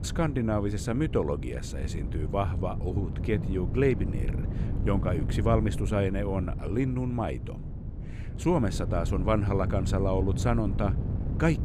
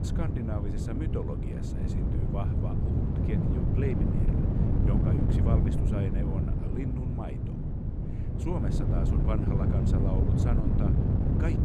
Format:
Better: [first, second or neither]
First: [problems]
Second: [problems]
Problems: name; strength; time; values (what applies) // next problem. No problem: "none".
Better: first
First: wind noise on the microphone; occasional gusts; 10 dB below the speech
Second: wind noise on the microphone; heavy; 3 dB above the speech